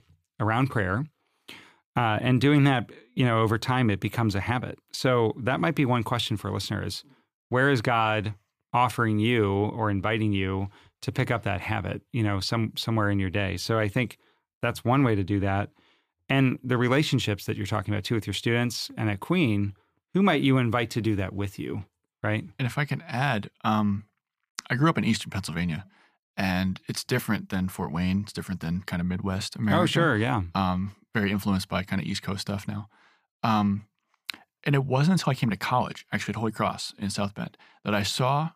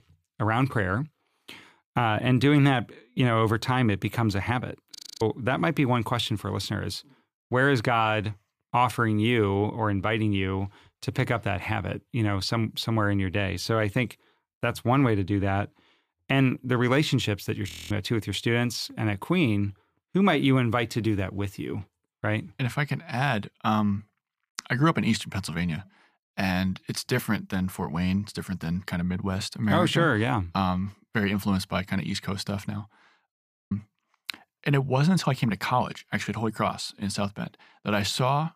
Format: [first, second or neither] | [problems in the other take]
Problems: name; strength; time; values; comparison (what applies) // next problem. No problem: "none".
first | audio freezing; at 5 s, at 18 s and at 33 s